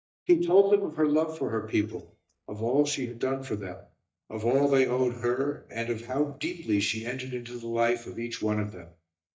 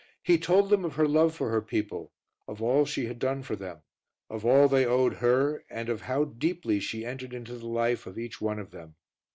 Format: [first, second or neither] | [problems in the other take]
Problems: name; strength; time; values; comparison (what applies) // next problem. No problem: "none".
second | noise reduction (neural mask model DeepFilterNet 3)